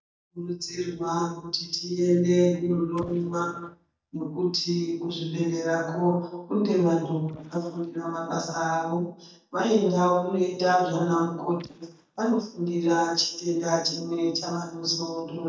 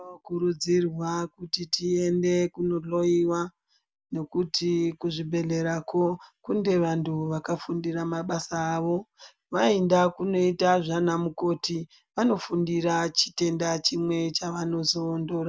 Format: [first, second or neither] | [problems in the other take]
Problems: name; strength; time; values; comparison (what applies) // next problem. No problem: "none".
second | noise reduction (neural mask model DeepFilterNet 3)